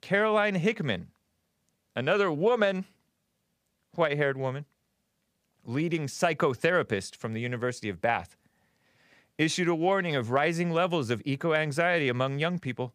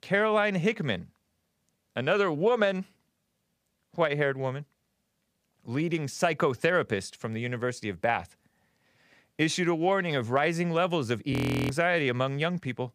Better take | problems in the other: first | audio freezing; at 11 s

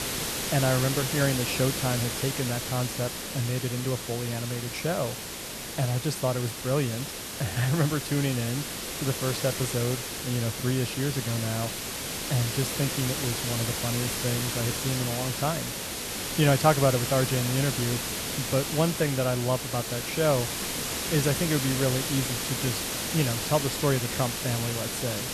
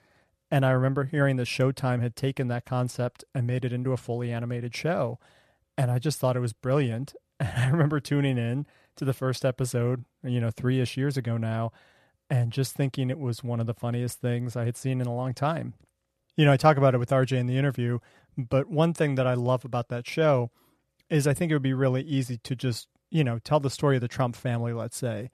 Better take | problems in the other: second | hiss; loud; throughout; 2 dB below the speech

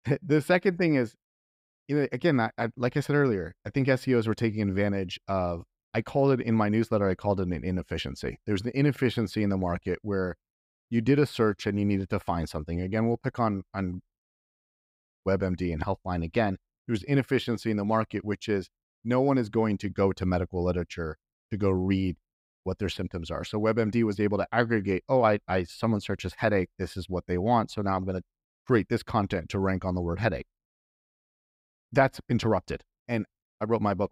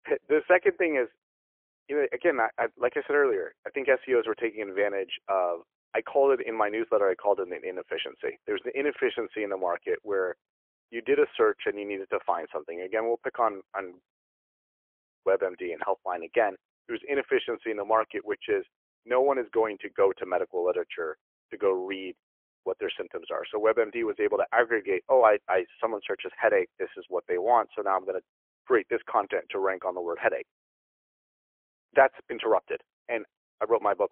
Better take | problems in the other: first | phone-call audio; poor line; nothing above 3.5 kHz

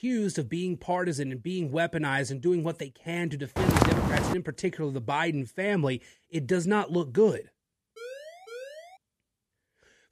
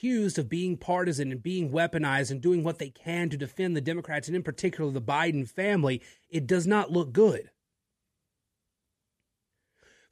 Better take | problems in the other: second | footsteps; loud; at 3.5 s; peak 6 dB above the speech // siren; faint; from 8 to 9 s; peak 15 dB below the speech

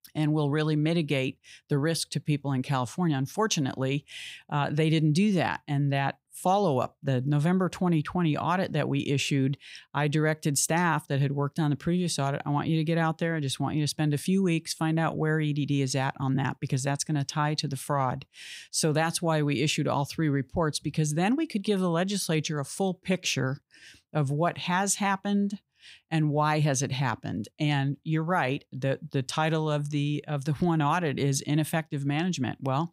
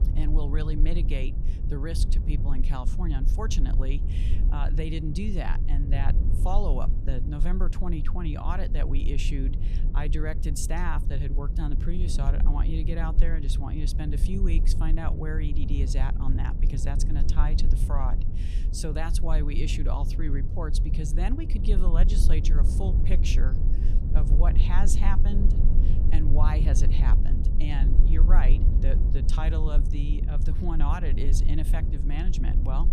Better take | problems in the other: first | low rumble; loud; throughout; 7 dB below the speech

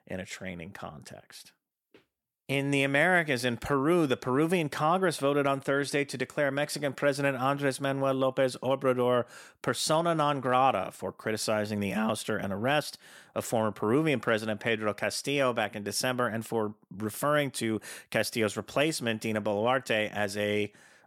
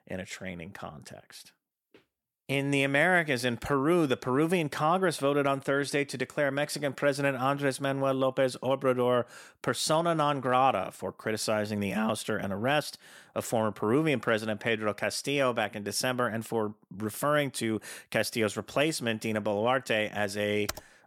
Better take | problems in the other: first | keyboard typing; faint; at 21 s; peak 10 dB below the speech

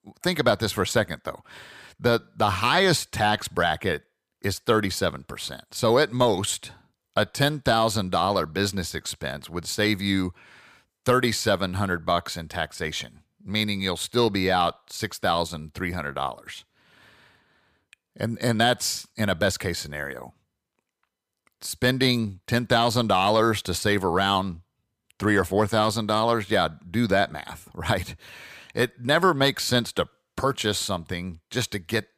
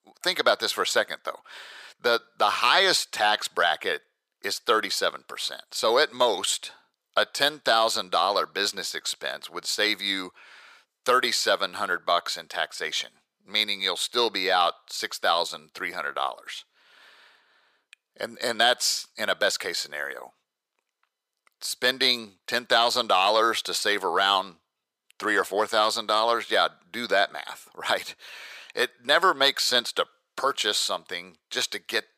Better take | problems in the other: first | thin; very; fading below 500 Hz

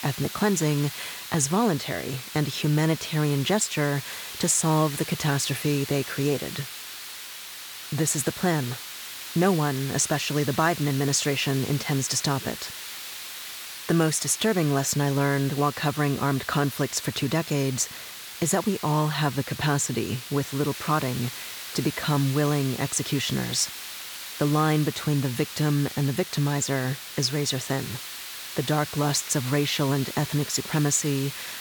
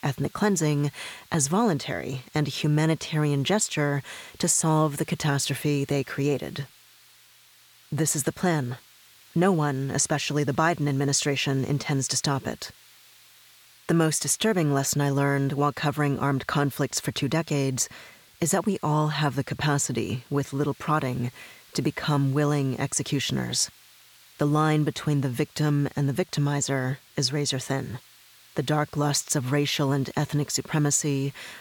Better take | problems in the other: second | hiss; loud; throughout; 10 dB below the speech; faint in the second

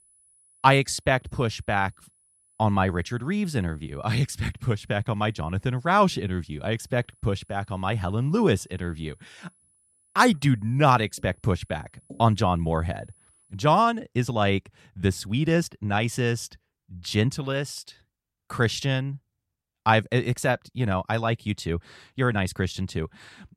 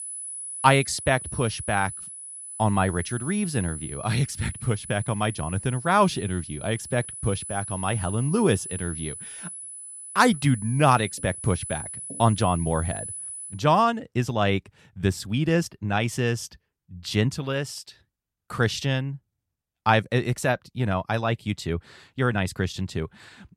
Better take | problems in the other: first | high-pitched whine; loud; until 14 s; 10 kHz, 10 dB below the speech; faint in the first

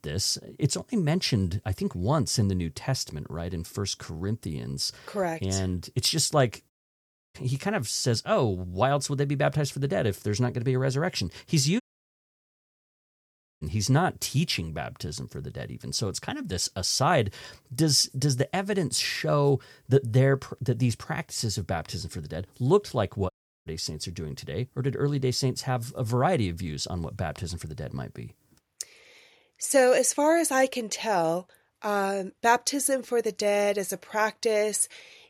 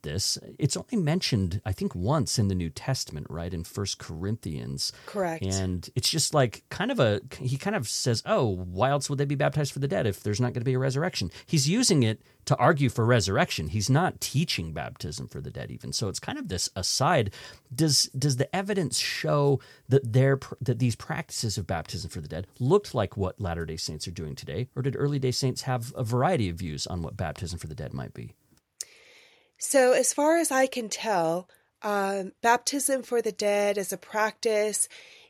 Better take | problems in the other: second | audio cutting out; at 6.5 s for 0.5 s, at 12 s for 2 s and at 23 s

